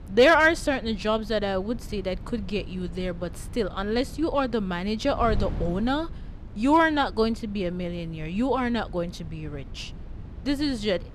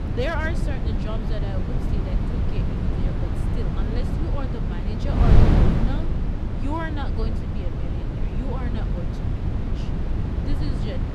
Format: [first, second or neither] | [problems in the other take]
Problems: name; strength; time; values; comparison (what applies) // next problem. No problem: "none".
first | wind noise on the microphone; heavy; 1 dB above the speech; occasional gusts in the first